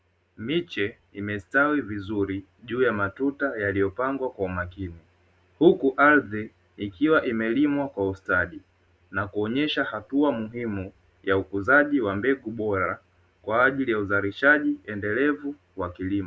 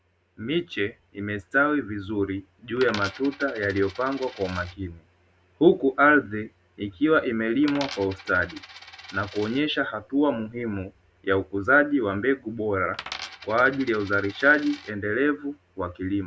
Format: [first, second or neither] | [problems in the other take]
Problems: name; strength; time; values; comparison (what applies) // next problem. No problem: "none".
first | background sound (Coin (dropping)); 16 dB below the speech